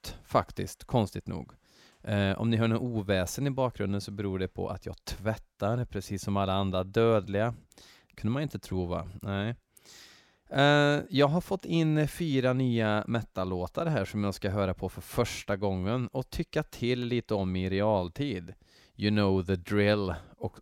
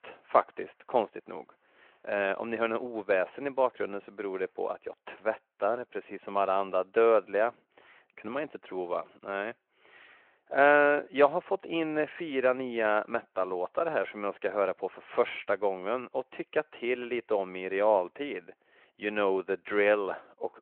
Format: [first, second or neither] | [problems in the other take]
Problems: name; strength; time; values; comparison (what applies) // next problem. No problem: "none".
first | phone-call audio